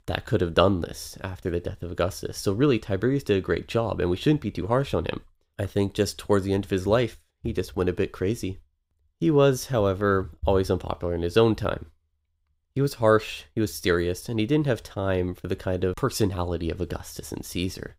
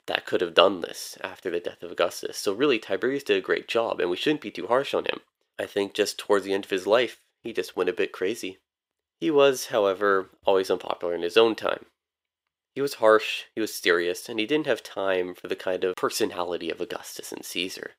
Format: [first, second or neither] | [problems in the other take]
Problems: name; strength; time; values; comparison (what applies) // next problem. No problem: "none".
first | thin; somewhat; fading below 450 Hz